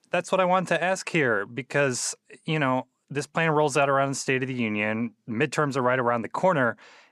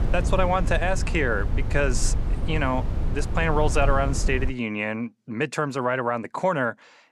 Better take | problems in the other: first | wind noise on the microphone; occasional gusts; until 4.5 s; 15 dB below the speech

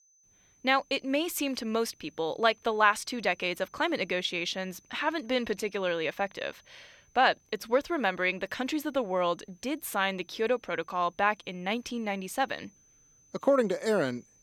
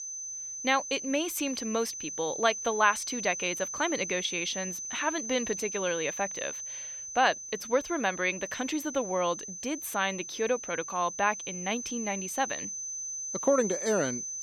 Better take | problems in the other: first | high-pitched whine; loud; throughout; 6 kHz, 5 dB below the speech; faint in the first

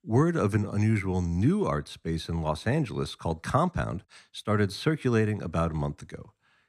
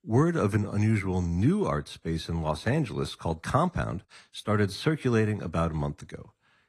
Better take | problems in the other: first | garbled, watery; slightly

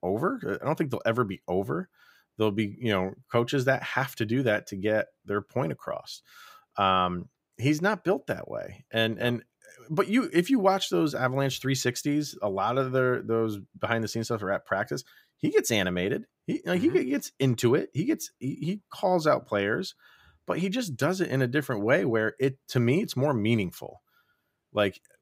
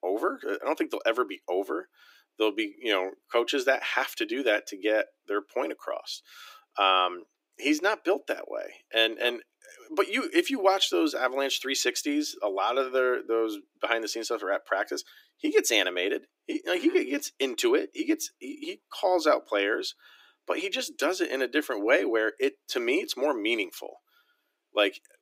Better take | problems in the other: first | thin; somewhat; fading below 300 Hz

